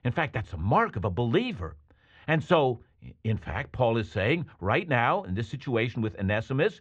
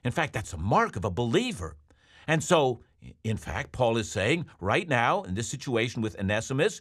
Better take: second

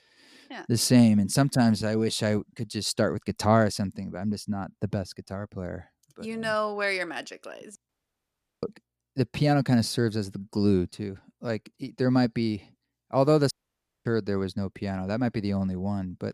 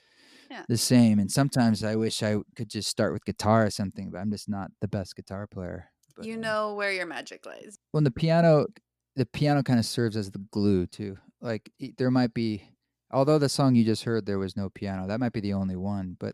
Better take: second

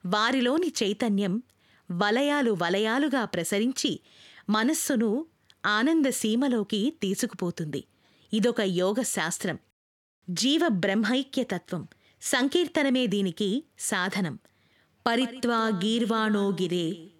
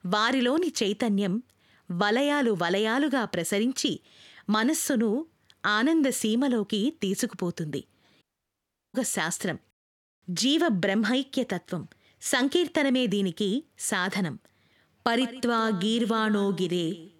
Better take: first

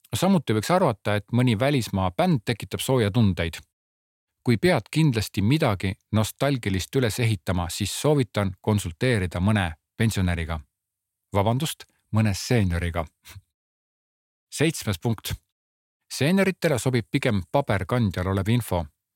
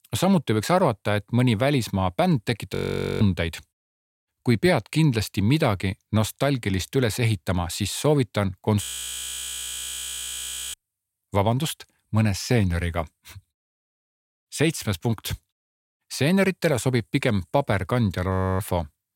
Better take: first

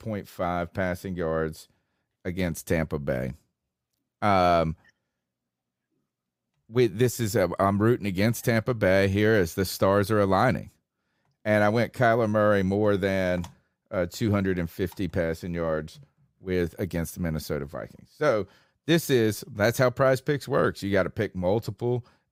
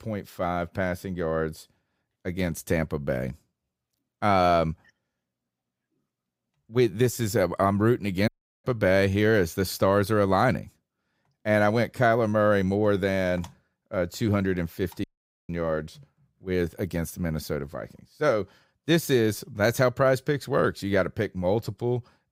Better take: first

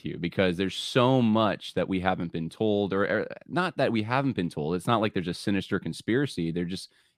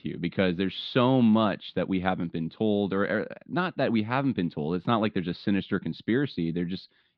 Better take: first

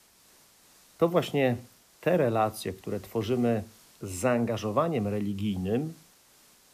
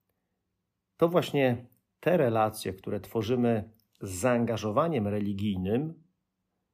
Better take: second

